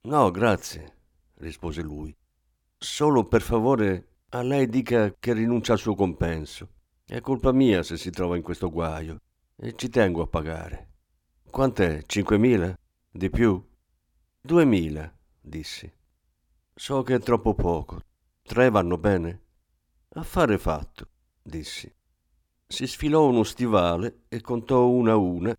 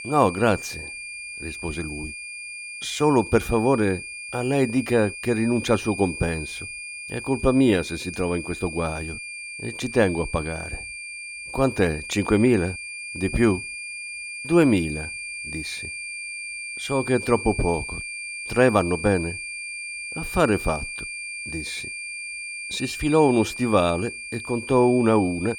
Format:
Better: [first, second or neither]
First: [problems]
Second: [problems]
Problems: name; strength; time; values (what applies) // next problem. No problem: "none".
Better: first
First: none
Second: high-pitched whine; loud; throughout; 2.5 kHz, 9 dB below the speech